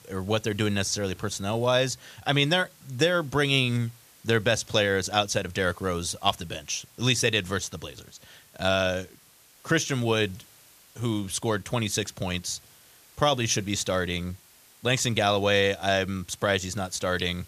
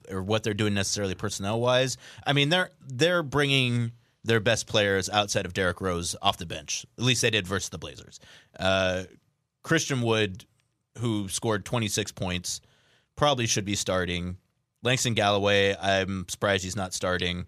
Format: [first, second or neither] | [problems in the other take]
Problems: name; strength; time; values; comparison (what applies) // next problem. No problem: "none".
second | hiss; faint; throughout; 25 dB below the speech